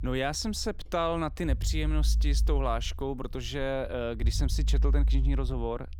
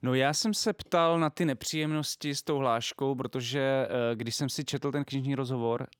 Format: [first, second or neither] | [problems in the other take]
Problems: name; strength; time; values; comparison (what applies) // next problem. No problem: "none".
second | low rumble; noticeable; throughout; 20 dB below the speech